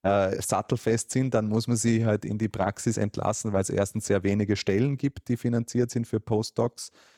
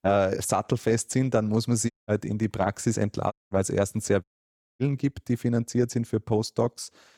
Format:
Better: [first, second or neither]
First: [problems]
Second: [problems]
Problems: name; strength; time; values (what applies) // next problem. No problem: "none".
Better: first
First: none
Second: audio cutting out; at 2 s, at 3.5 s and at 4 s for 0.5 s